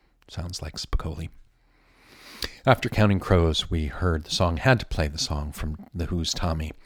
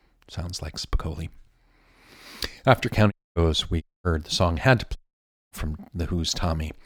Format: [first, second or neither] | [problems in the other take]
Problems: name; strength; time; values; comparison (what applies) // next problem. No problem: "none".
first | audio cutting out; at 3 s, at 4 s and at 5 s for 0.5 s